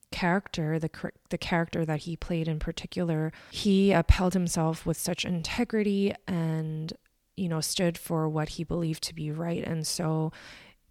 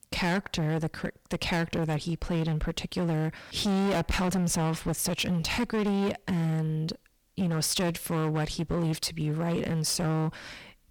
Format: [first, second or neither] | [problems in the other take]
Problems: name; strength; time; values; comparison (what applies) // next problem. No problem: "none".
first | distortion; heavy; 18% of the sound clipped